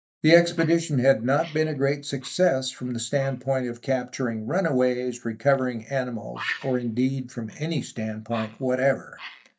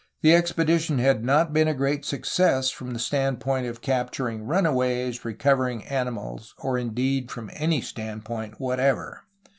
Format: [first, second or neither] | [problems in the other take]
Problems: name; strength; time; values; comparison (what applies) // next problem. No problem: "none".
second | noise reduction (neural mask model DeepFilterNet 3)